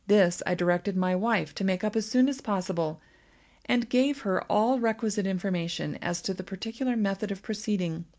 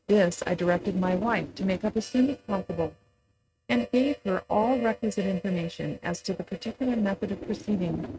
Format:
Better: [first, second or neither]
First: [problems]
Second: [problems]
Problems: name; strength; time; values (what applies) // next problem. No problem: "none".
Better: first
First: none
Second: noise reduction (neural mask model RNNoise)